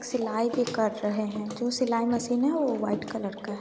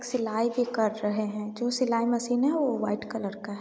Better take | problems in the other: second | background sound (Bathtub (filling or washing) / Water / Splash, splatter); 14 dB below the speech

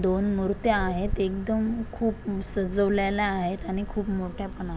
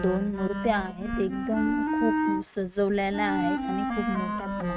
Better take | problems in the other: first | noise reduction (neural mask model RNNoise)

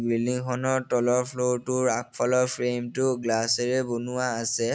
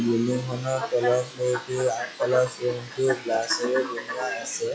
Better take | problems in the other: first | noise reduction (classical method log-MMSE)

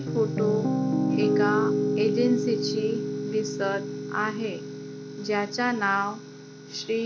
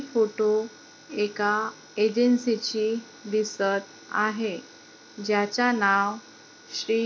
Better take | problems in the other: second | background sound (Piano); as loud as the speech

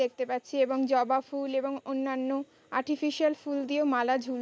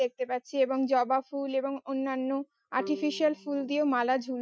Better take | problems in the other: first | noise reduction (classical method Wiener filter)

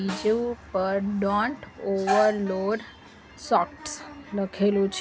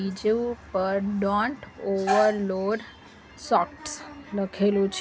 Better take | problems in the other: second | background sound (Snare drum + Wind instrument, woodwind instrument); 19 dB below the speech

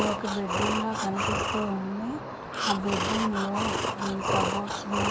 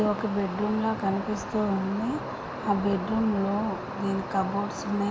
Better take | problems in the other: second | background sound (Breathing); as loud as the speech

